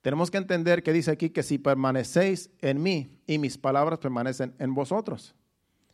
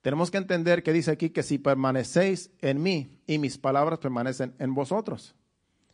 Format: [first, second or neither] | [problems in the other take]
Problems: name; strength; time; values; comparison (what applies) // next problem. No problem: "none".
first | garbled, watery; slightly; nothing above 9.5 kHz